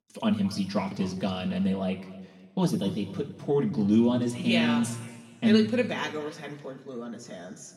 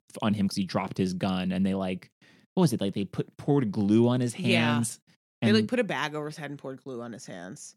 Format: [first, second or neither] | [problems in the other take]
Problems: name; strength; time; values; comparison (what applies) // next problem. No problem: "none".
second | room echo; slight; dies away in 1.5 s // off-mic speech; somewhat distant